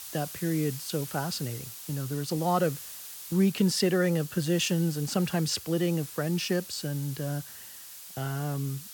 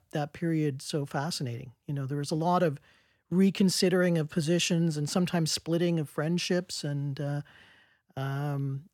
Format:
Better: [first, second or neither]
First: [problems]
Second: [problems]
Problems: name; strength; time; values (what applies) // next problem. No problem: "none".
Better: second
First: hiss; noticeable; throughout; 10 dB below the speech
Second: none